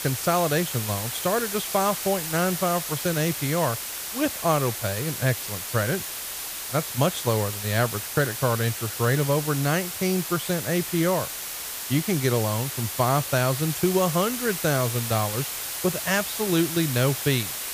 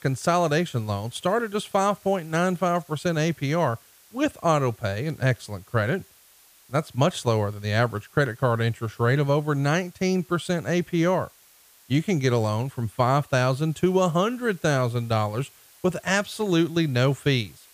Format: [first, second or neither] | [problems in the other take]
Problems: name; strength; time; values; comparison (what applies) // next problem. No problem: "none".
second | hiss; loud; throughout; 4 dB below the speech; faint in the second